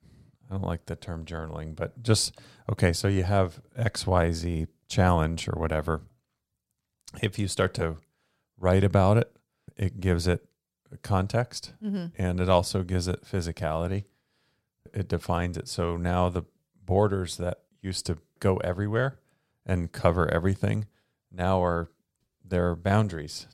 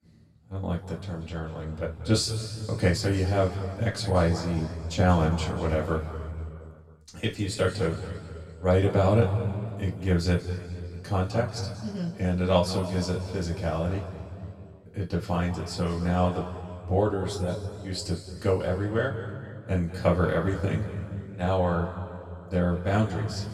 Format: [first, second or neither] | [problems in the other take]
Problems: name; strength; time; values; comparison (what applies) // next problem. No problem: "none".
first | room echo; noticeable; dies away in 2.2 s // off-mic speech; far